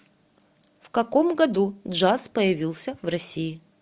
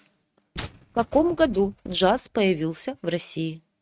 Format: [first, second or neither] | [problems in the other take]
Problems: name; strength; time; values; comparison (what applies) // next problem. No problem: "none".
first | noise reduction (neural mask model RNNoise)